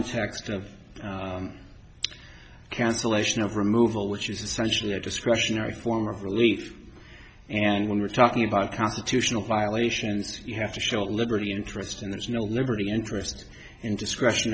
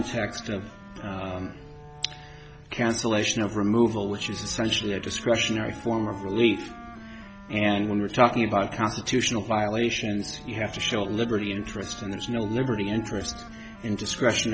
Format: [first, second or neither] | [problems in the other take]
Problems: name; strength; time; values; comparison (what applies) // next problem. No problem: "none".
first | background sound (Wind instrument, woodwind instrument); 17 dB below the speech